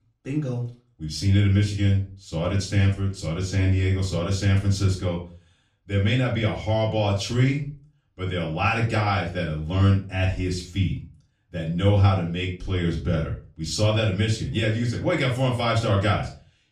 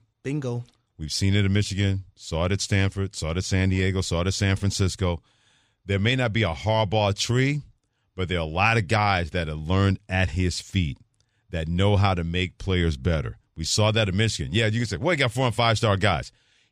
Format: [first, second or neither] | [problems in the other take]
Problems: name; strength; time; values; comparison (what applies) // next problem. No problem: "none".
second | off-mic speech; far // room echo; slight; dies away in 0.3 s